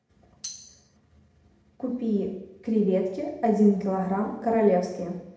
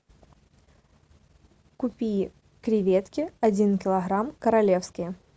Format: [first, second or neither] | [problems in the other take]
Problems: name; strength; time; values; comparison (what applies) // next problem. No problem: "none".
second | background sound (Tambourine); 15 dB below the speech // room echo; dies away in 0.8 s